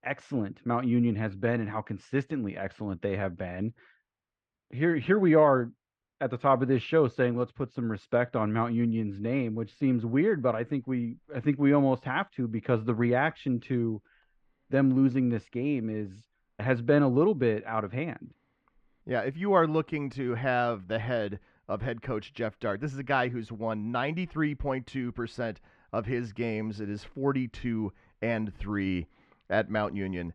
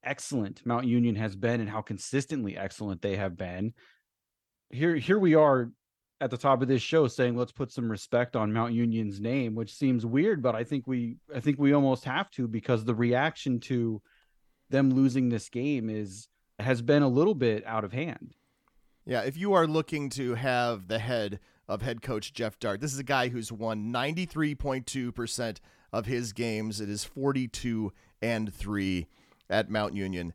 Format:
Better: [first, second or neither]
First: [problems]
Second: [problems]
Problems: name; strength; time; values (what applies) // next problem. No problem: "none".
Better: second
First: muffled; very; fading above 2 kHz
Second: none